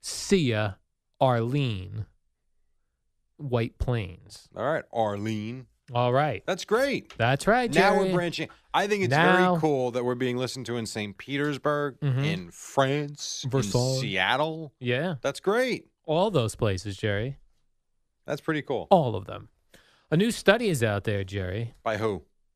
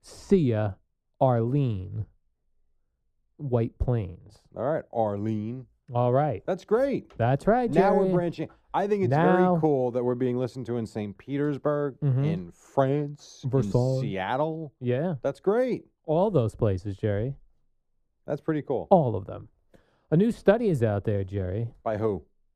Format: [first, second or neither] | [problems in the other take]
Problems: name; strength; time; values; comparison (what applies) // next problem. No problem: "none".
first | muffled; slightly; fading above 1.5 kHz